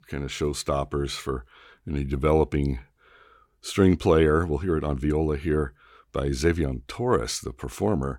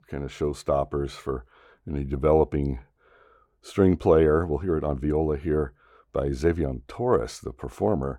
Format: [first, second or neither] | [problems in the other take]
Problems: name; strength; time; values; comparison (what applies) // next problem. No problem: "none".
first | muffled; slightly; fading above 2 kHz